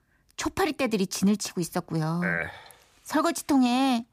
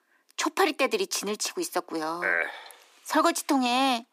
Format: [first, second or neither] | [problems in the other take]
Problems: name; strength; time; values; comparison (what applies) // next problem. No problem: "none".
first | thin; somewhat; fading below 300 Hz